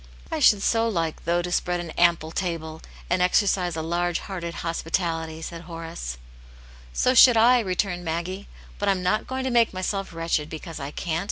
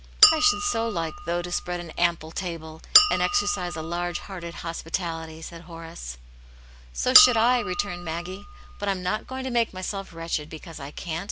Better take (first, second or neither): first